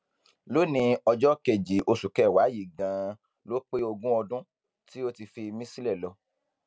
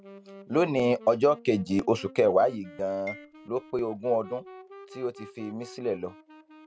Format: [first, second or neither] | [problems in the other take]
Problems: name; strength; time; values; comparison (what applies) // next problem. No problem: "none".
first | background sound (Marimba, xylophone + Wind instrument, woodwind instrument); 19 dB below the speech